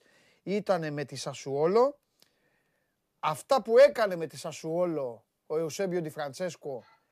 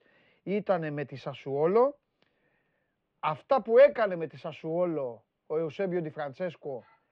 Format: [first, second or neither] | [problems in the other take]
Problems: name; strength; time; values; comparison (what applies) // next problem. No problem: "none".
first | muffled; very; fading above 3 kHz